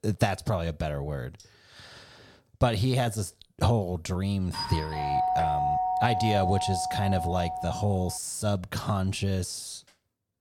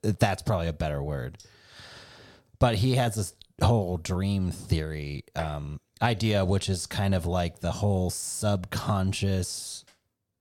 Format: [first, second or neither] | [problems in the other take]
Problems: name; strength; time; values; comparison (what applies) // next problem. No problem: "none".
second | doorbell; loud; from 4.5 to 8 s; peak 3 dB above the speech